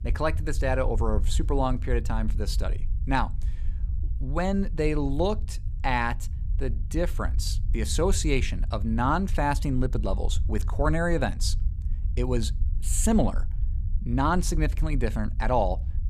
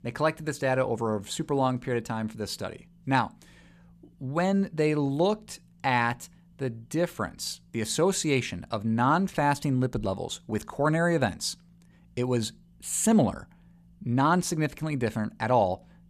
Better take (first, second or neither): second